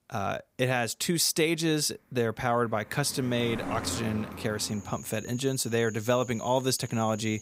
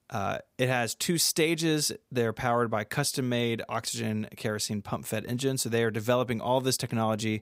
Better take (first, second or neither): second